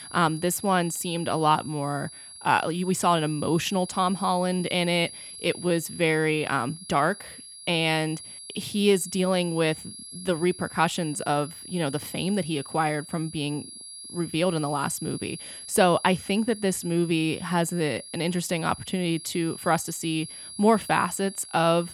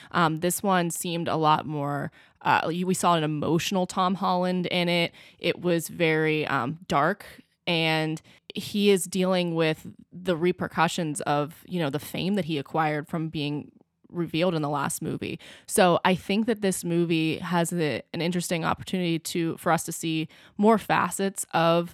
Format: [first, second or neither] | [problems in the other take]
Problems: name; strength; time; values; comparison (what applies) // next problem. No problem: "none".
second | high-pitched whine; noticeable; throughout; 10.5 kHz, 15 dB below the speech